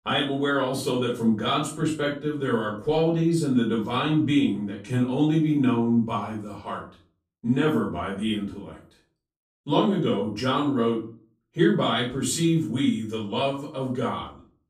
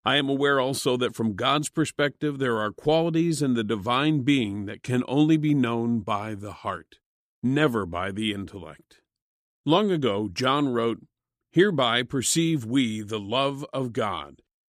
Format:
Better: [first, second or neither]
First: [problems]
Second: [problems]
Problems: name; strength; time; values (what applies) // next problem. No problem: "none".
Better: second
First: off-mic speech; far // room echo; slight; dies away in 0.3 s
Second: none